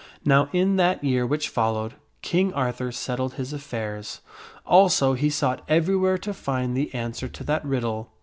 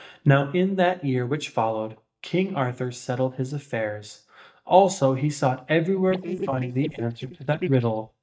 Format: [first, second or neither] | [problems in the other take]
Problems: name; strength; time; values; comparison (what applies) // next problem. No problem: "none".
first | noise reduction (neural mask model DeepFilterNet 3)